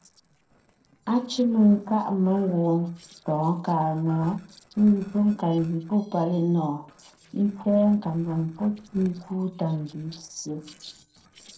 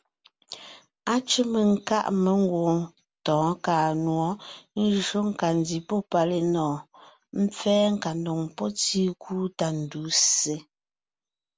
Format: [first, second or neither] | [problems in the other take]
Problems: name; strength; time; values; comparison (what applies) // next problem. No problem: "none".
second | noise reduction (neural separator model SepFormer DNS4)